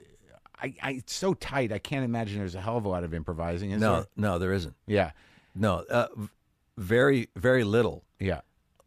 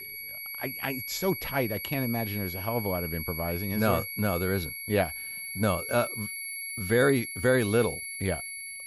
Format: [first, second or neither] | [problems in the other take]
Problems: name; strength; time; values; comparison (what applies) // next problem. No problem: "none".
first | high-pitched whine; loud; throughout; 2 kHz, 6 dB below the speech